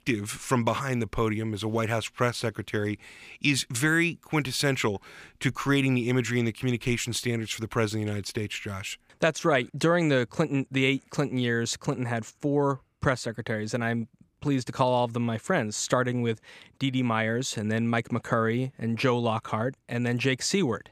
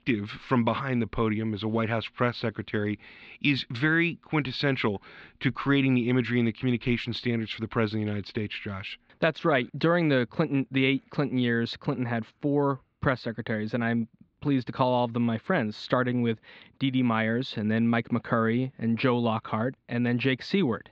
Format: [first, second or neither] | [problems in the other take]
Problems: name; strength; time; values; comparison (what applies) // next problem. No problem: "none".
first | muffled; slightly; fading above 4 kHz